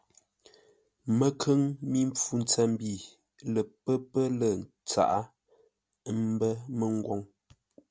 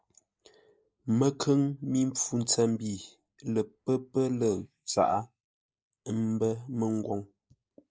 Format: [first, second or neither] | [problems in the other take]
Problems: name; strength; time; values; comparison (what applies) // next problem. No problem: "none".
first | noise reduction (neural mask model Resemble Enhance denoiser)